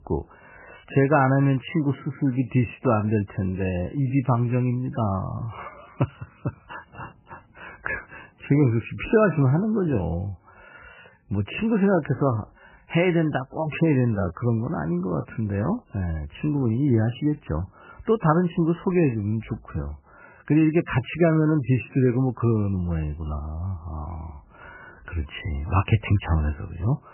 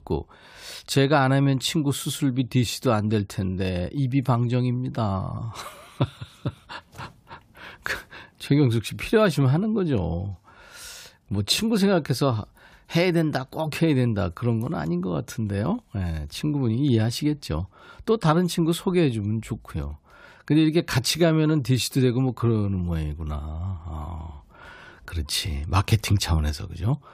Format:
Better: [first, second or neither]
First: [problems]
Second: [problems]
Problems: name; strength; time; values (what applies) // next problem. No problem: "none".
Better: second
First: garbled, watery; badly; nothing above 3 kHz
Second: none